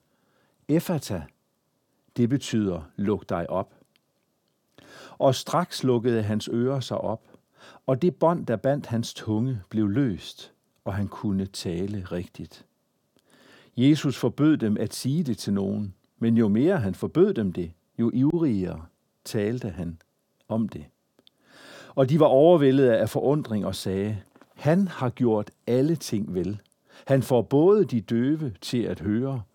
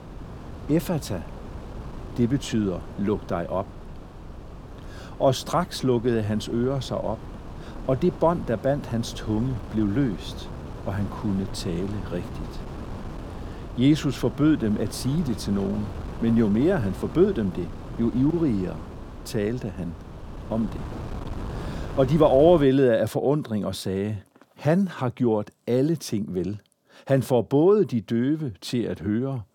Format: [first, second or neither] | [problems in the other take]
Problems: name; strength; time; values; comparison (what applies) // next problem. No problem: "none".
first | wind noise on the microphone; occasional gusts; until 23 s; 15 dB below the speech